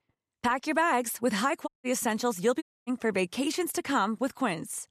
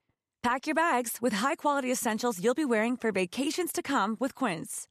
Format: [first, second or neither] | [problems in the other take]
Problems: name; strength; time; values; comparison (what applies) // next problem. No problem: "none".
second | audio cutting out; at 1.5 s and at 2.5 s